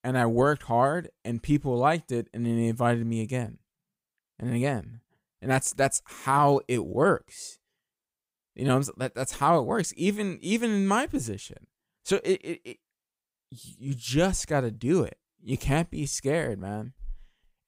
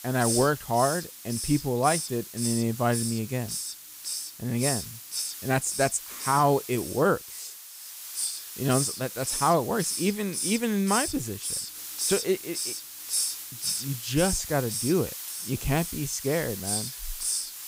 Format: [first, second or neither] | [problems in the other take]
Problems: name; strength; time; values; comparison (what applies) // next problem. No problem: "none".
first | hiss; loud; throughout; 4 dB below the speech